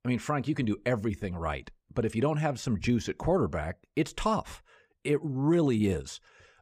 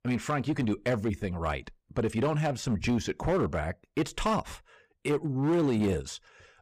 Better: first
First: none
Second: distortion; slight; 8% of the sound clipped

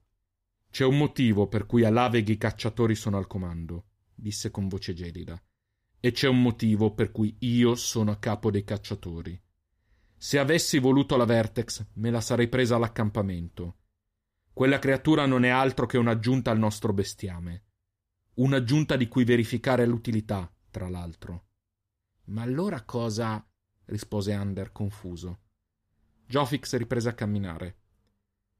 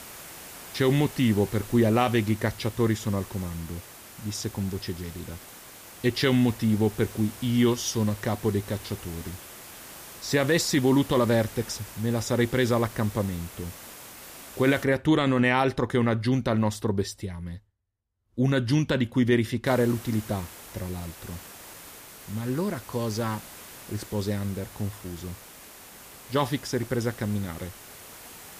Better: first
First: none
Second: hiss; noticeable; until 15 s and from 20 s on; 15 dB below the speech

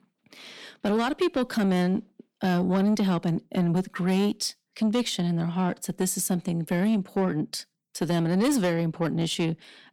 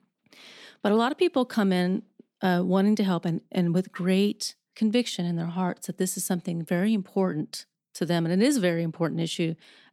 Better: second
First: distortion; slight; 10 dB below the speech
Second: none

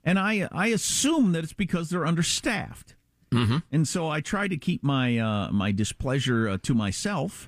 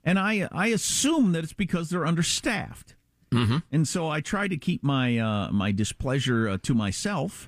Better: neither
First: none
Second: none

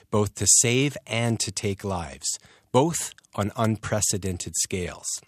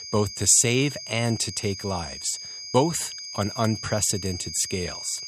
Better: first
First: none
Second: high-pitched whine; noticeable; throughout; 5 kHz, 10 dB below the speech

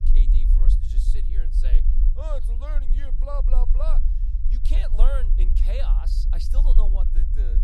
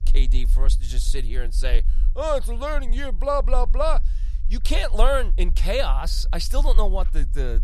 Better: second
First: low rumble; loud; throughout; 8 dB below the speech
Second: low rumble; faint; throughout; 25 dB below the speech

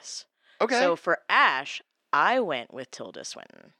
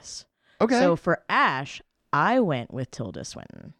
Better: second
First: thin; somewhat; fading below 400 Hz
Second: none

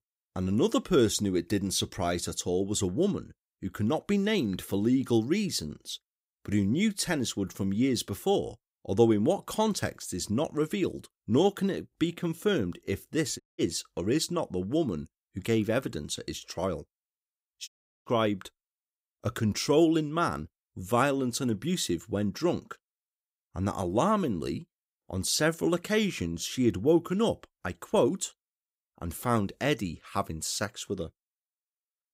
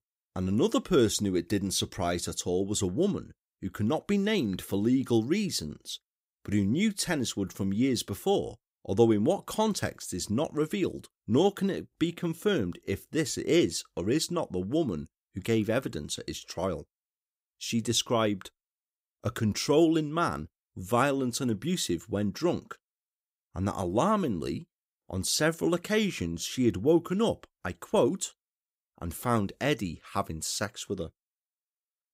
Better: second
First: audio cutting out; at 13 s and at 18 s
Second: none

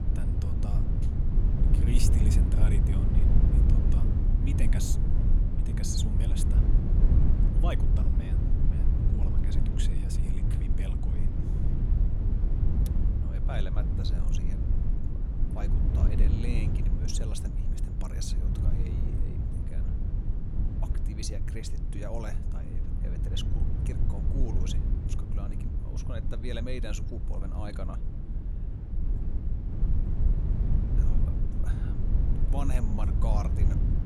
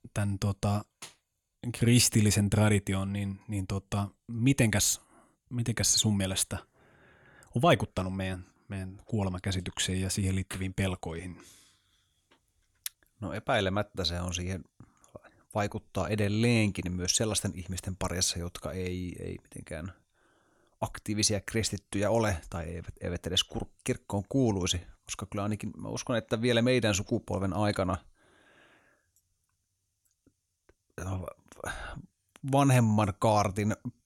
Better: second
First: low rumble; loud; throughout; as loud as the speech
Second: none

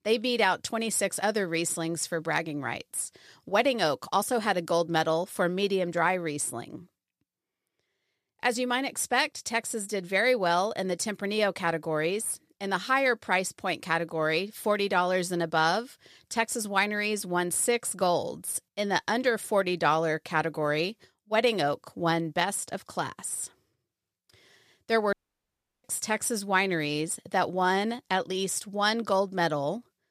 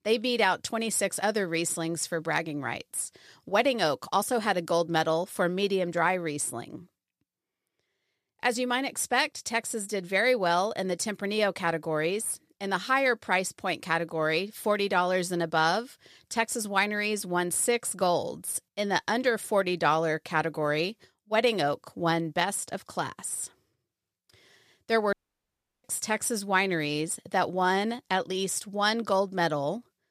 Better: neither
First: audio cutting out; at 25 s for 0.5 s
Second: audio cutting out; at 25 s for 0.5 s

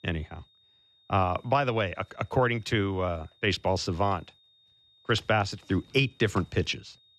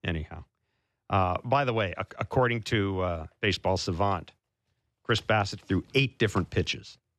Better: second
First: high-pitched whine; faint; throughout; 3.5 kHz, 30 dB below the speech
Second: none

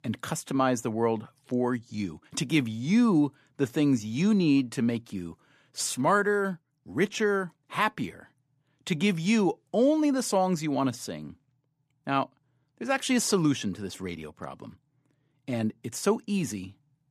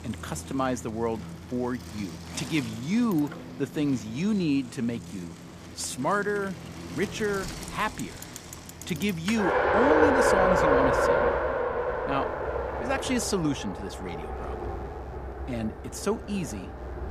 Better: first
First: none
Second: traffic noise; very loud; throughout; 2 dB above the speech

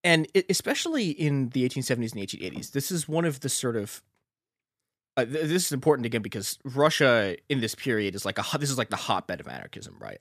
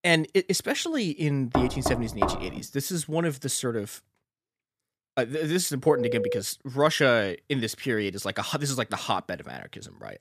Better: first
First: none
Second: door banging; noticeable; at 1.5 s; peak 1 dB below the speech // phone ringing; noticeable; at 6 s; peak 1 dB below the speech

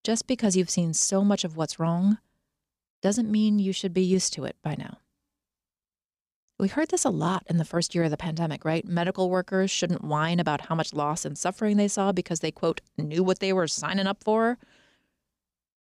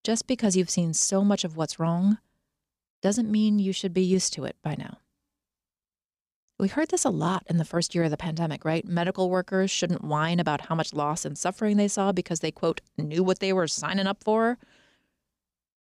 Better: neither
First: none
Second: none

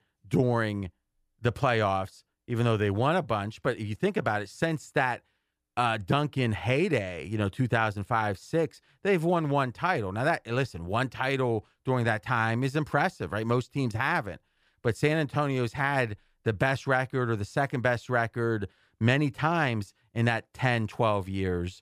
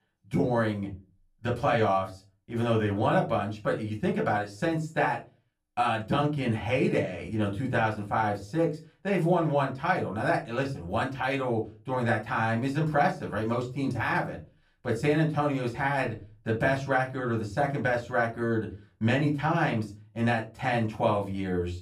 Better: first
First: none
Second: off-mic speech; far // room echo; very slight; dies away in 0.3 s

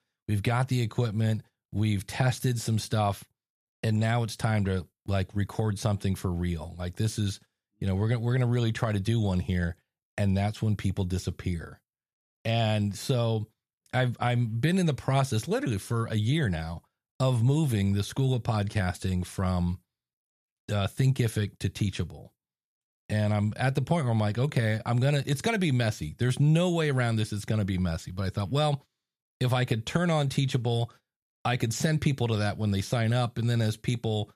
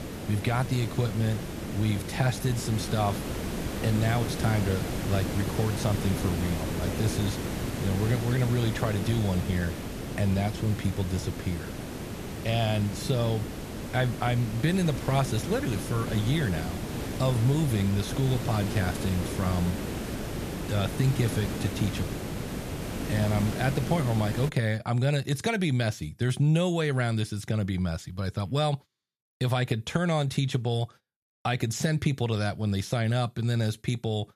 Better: first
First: none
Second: hiss; loud; until 24 s; 6 dB below the speech

